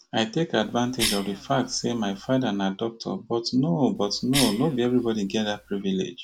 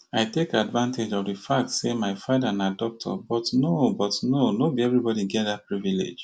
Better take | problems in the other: second | background sound (Cough); 11 dB below the speech

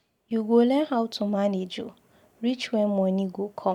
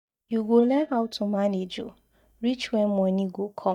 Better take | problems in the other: first | noise reduction (neural mask model DeepFilterNet 3)

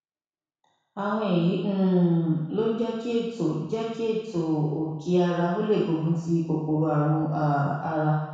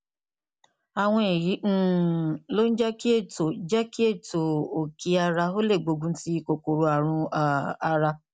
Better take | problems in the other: second | room echo; dies away in 1.1 s

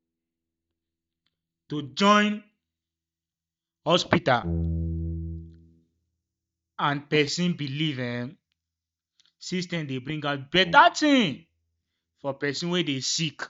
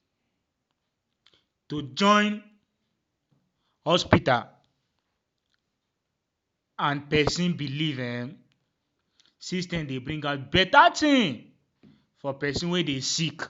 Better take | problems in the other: second | noise reduction (neural mask model DeepFilterNet 3)

